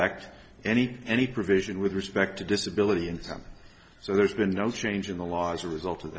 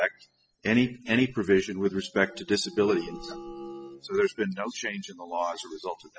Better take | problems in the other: first | noise reduction (classical method spectral subtraction)

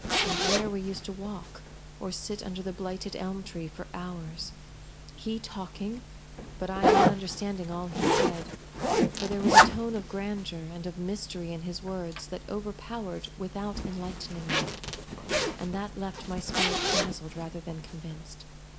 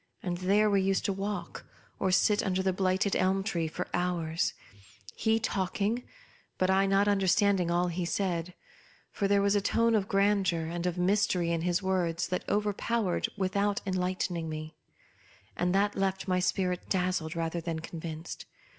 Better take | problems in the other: second | background sound (Zipper (clothing)); 5 dB above the speech // room echo; dies away in 0.7 s

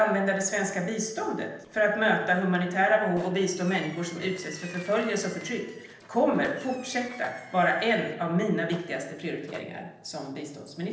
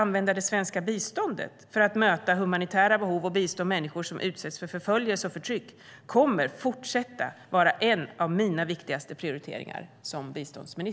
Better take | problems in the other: second | noise reduction (neural separator model SepFormer DNS4)

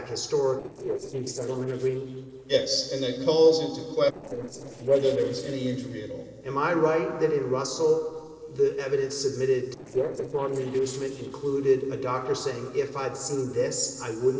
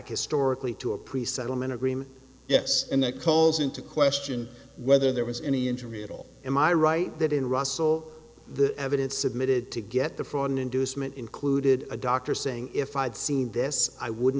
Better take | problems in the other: second | noise reduction (neural separator model SepFormer DNS4)

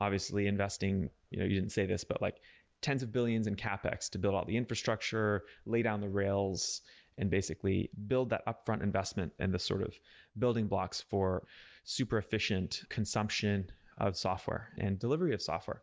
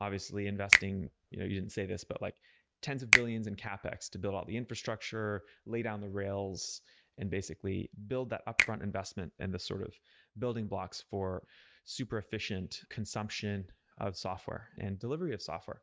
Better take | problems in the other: first | noise reduction (neural mask model RNNoise)

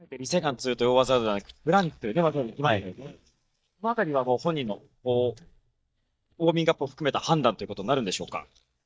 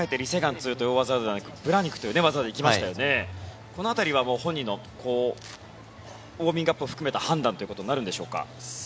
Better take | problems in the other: second | noise reduction (neural mask model DeepFilterNet 3)

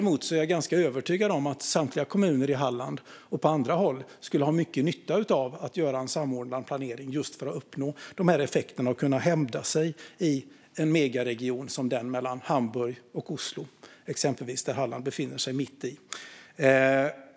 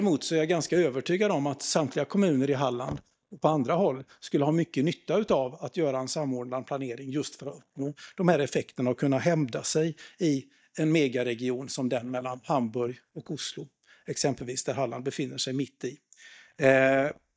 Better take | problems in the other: first | noise reduction (neural mask model DeepFilterNet 3)

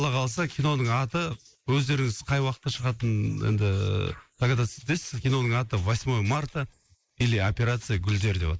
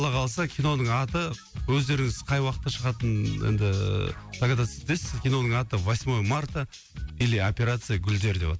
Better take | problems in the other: second | noise reduction (neural mask model Resemble Enhance denoiser)

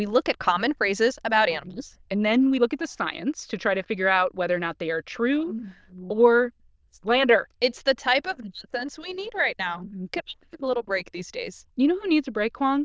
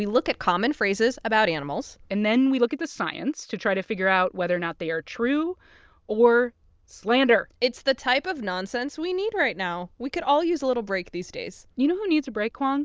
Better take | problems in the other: second | noise reduction (neural diffusion model UNIVERSE++)

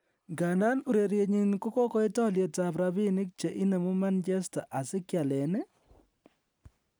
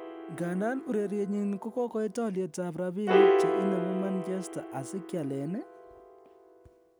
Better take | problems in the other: first | background sound (Piano); 2 dB above the speech

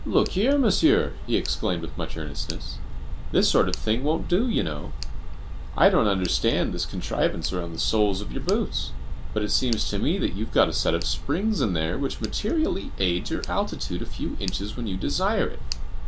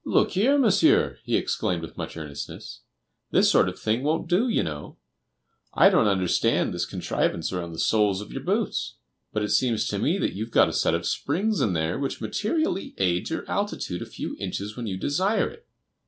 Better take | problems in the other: second | background sound (Tick); 2 dB below the speech

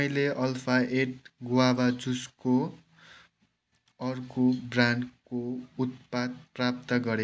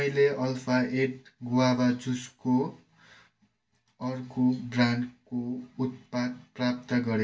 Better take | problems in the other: first | room echo; dies away in 0.2 s

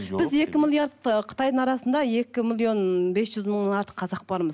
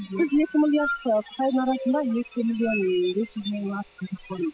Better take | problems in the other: first | noise reduction (classical method spectral subtraction)

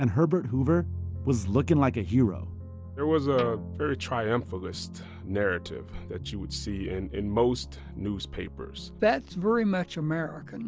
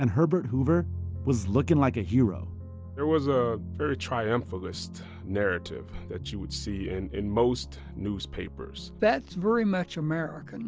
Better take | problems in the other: second | background sound (Guitar); 16 dB below the speech

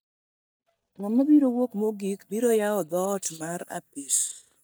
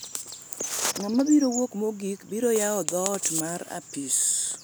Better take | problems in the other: second | noise reduction (neural mask model DeepFilterNet 3)

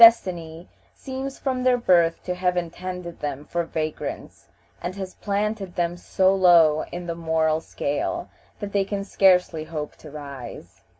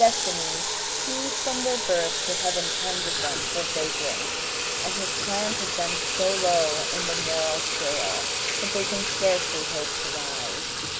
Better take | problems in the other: first | background sound (Sink (filling or washing) / Water tap, faucet); 2 dB above the speech

